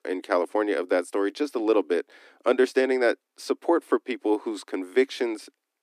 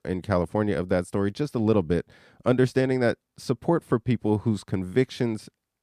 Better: second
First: thin; somewhat; fading below 300 Hz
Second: none

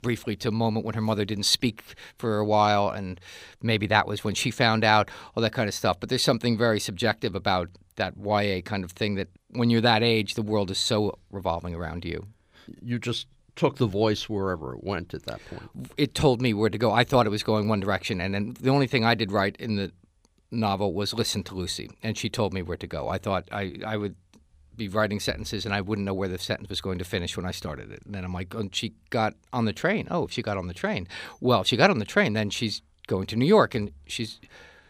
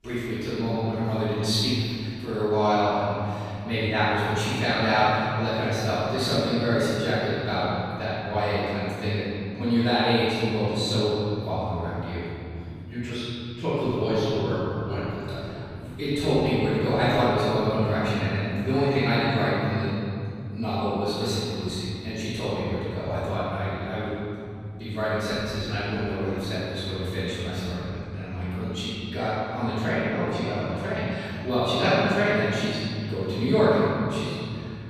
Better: first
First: none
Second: off-mic speech; far // room echo; strong; dies away in 3 s

